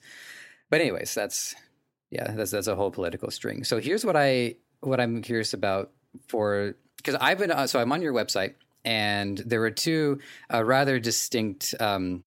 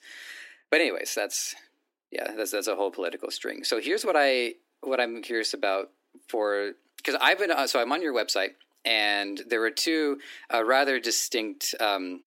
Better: first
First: none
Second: thin; somewhat; fading below 300 Hz

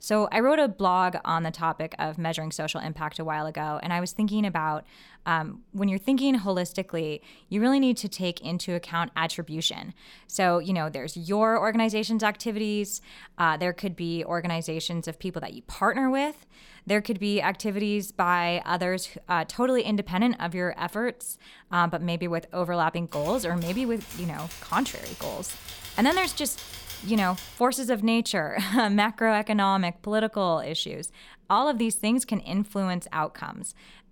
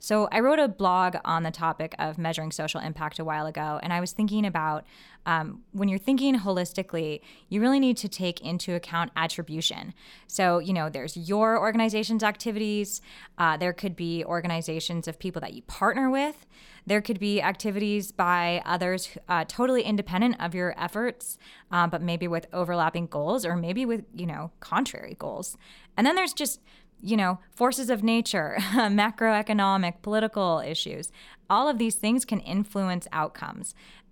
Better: second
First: keyboard typing; faint; from 23 to 28 s; peak 10 dB below the speech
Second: none

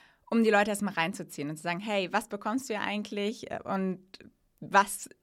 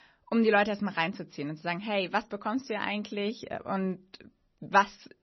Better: first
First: none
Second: garbled, watery; slightly; nothing above 6 kHz

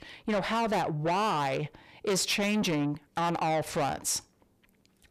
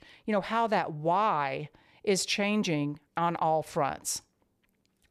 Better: second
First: distortion; heavy; 7 dB below the speech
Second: none

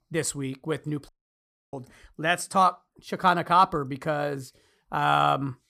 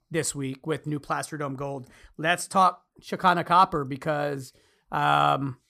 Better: second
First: audio cutting out; at 1 s for 0.5 s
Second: none

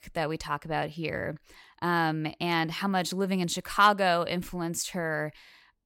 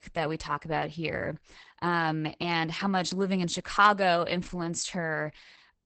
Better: first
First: none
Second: garbled, watery; badly; nothing above 8 kHz

